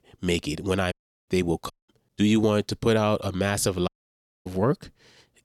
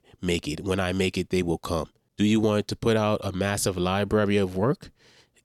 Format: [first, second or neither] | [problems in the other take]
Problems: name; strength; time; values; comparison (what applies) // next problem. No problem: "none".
second | audio cutting out; at 1 s, at 1.5 s and at 4 s for 0.5 s